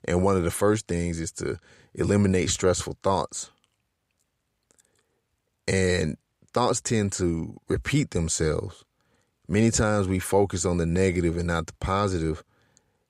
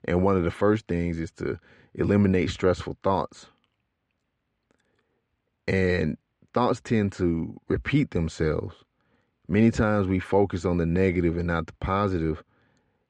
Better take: first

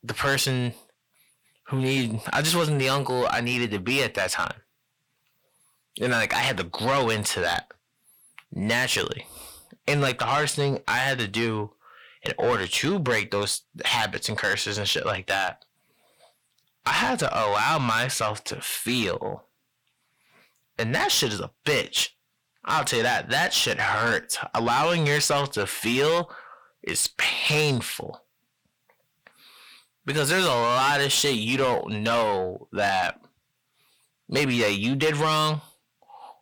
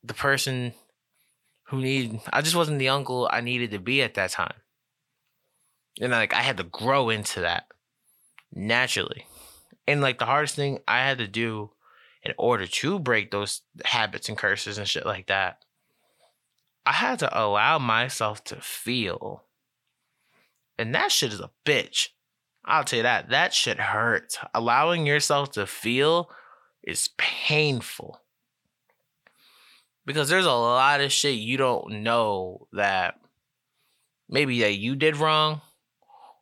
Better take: second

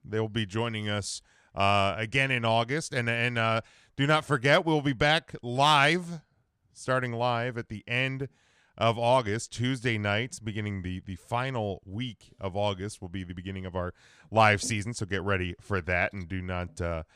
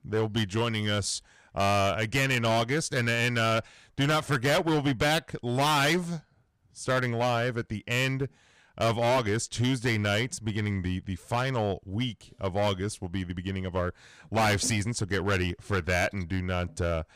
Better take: first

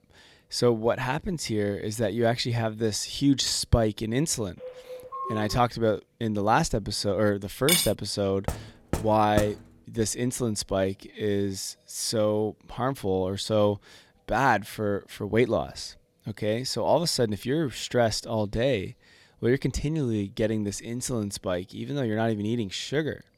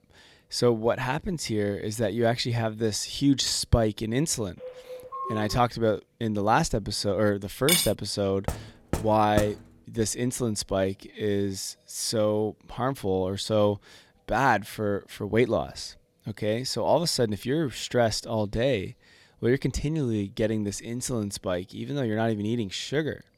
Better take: neither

